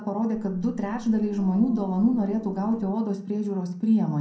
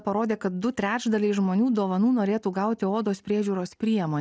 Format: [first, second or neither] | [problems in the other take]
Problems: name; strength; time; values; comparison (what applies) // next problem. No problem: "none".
second | background sound (Growling); 19 dB below the speech // room echo; dies away in 0.5 s